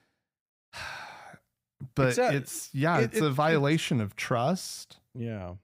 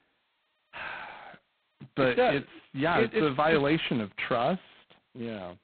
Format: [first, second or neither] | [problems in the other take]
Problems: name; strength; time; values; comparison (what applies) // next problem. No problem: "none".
first | phone-call audio; poor line; nothing above 4 kHz